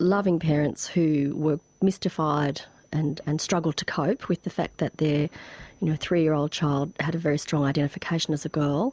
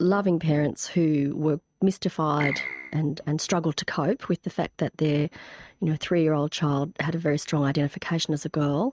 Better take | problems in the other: first | noise reduction (neural mask model RNNoise)

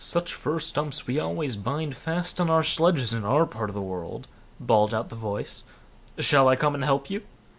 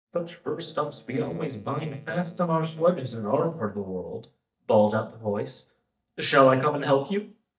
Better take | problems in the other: first | noise reduction (neural mask model DeepFilterNet 3)

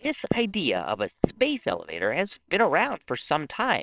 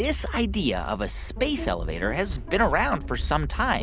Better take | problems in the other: second | noise reduction (neural separator model SepFormer WHAMR!)

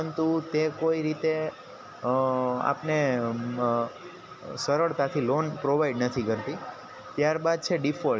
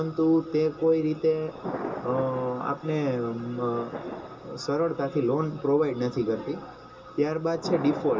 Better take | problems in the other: first | background sound (Thunder); 13 dB below the speech // room echo; dies away in 0.2 s

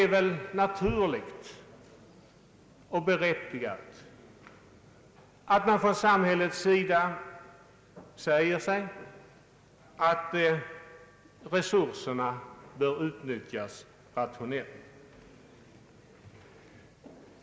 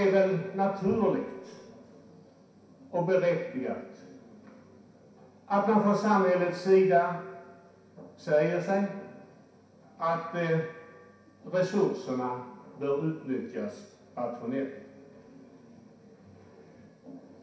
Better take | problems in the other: first | room echo; dies away in 0.6 s

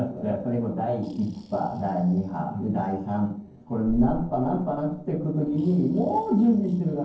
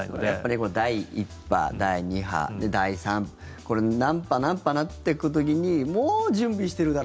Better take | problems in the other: second | noise reduction (neural separator model SepFormer DNS4)

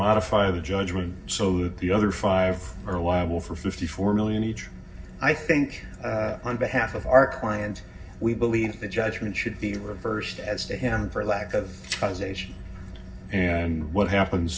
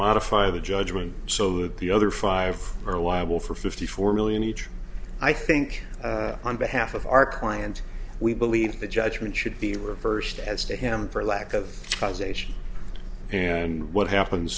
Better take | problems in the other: second | room echo; dies away in 0.4 s

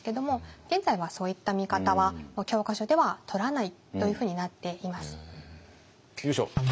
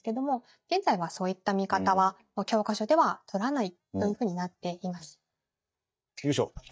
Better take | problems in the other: first | noise reduction (neural mask model DeepFilterNet 3)

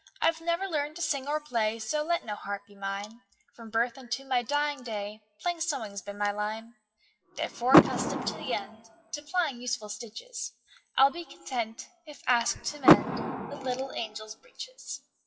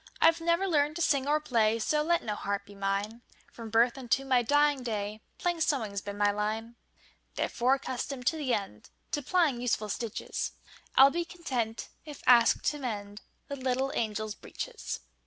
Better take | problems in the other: second | noise reduction (classical method WPE with log-MMSE)

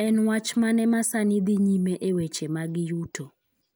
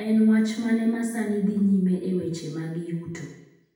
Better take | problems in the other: first | room echo; dies away in 0.8 s

